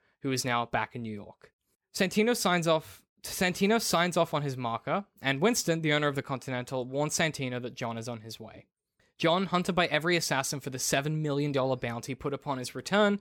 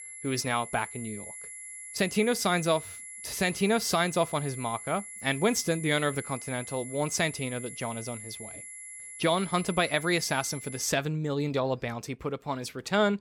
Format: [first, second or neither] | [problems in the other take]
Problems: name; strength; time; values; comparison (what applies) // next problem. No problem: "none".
first | high-pitched whine; noticeable; until 11 s; 11 kHz, 10 dB below the speech